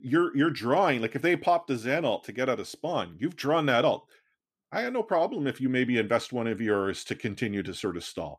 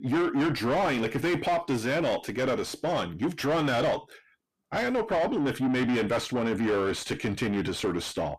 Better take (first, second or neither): first